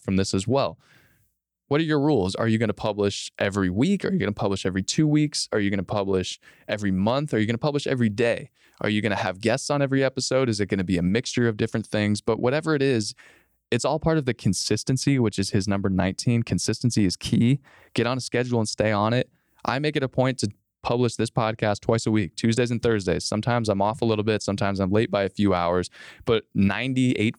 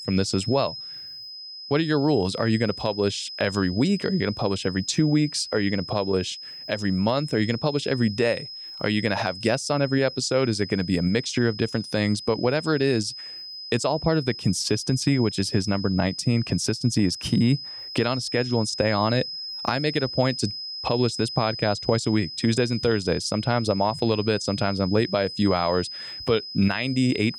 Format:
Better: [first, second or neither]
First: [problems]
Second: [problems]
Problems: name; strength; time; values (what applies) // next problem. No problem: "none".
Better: first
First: none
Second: high-pitched whine; loud; throughout; 5 kHz, 10 dB below the speech